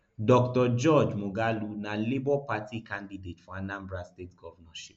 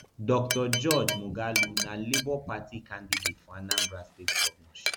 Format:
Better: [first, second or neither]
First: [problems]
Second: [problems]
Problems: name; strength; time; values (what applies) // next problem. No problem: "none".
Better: first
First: none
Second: background sound (Glass); as loud as the speech